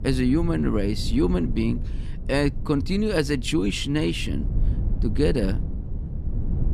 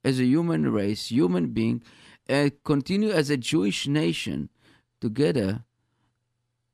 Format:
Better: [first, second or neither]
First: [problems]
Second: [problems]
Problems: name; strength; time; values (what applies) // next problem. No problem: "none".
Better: second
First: low rumble; noticeable; throughout; 15 dB below the speech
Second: none